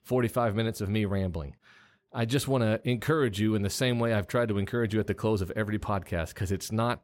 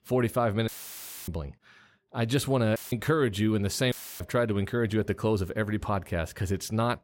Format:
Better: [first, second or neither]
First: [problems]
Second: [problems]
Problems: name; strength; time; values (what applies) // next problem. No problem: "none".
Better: first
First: none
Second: audio cutting out; filled with static; at 0.5 s for 0.5 s, at 3 s and at 4 s